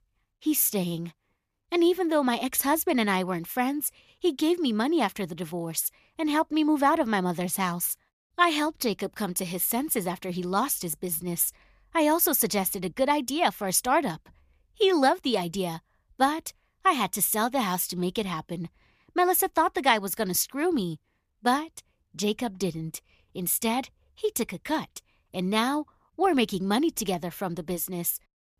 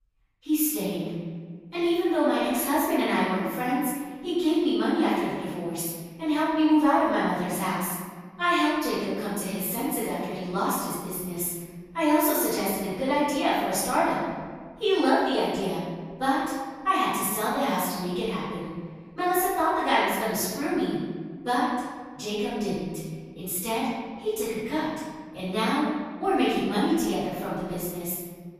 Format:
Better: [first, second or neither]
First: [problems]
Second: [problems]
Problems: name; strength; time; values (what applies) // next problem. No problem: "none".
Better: first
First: none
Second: off-mic speech; far // room echo; strong; dies away in 1.5 s